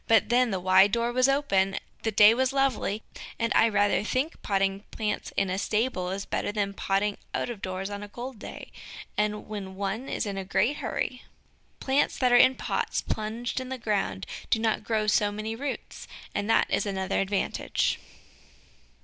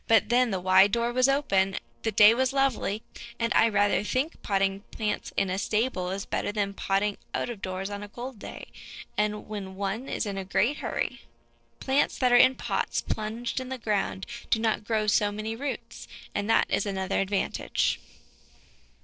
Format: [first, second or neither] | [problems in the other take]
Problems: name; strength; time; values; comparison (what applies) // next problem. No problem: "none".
first | noise reduction (neural separator model SepFormer DNS4)